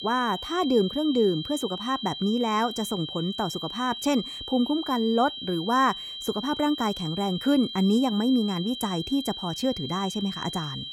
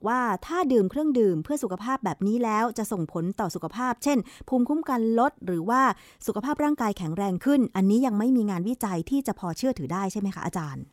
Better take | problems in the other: second | high-pitched whine; loud; throughout; 3 kHz, 8 dB below the speech

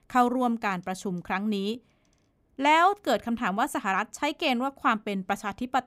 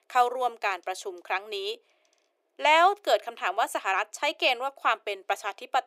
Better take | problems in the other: first | thin; very; fading below 350 Hz

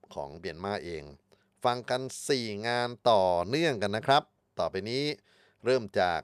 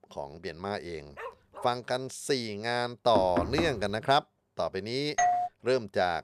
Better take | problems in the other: first | dog barking; faint; at 1 s; peak 15 dB below the speech // door banging; noticeable; at 3 s; peak 3 dB below the speech // doorbell; loud; at 5 s; peak 3 dB above the speech

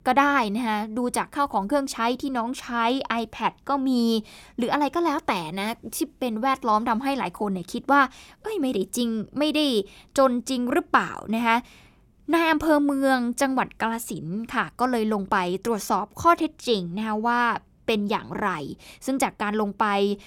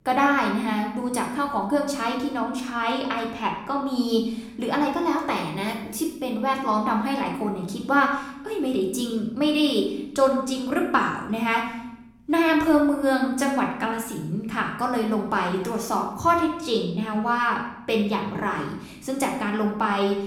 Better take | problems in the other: first | room echo; noticeable; dies away in 0.7 s // off-mic speech; somewhat distant

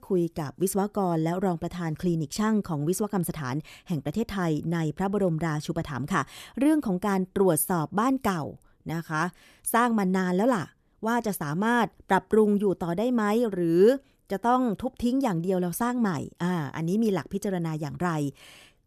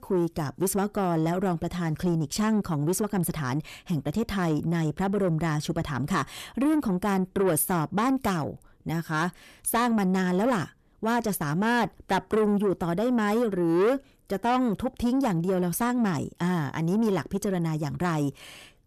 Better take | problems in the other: first | distortion; slight; 10 dB below the speech

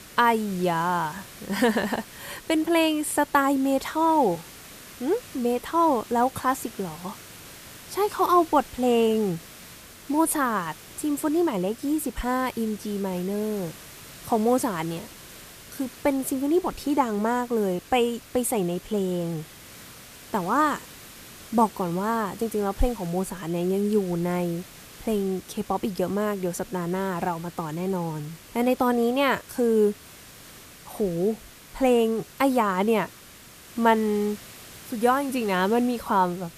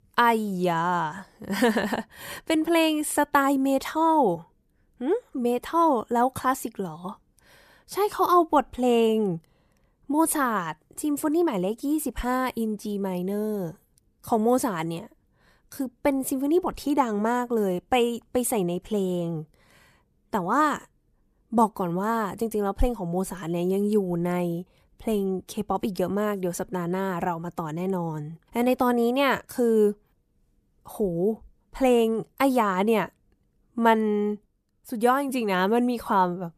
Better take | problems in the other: second | hiss; noticeable; throughout; 20 dB below the speech

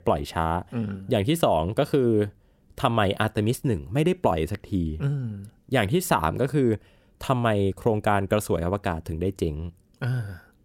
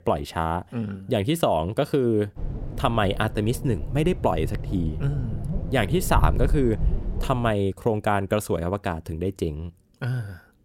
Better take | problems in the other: first | low rumble; noticeable; from 2.5 to 7.5 s; 15 dB below the speech

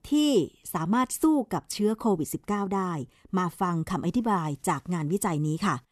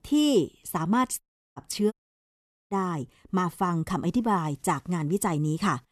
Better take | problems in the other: first | audio cutting out; at 1 s and at 2 s for 1 s

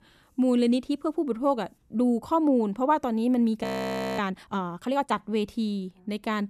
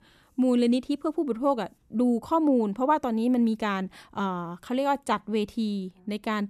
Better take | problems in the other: second | audio freezing; at 3.5 s for 0.5 s

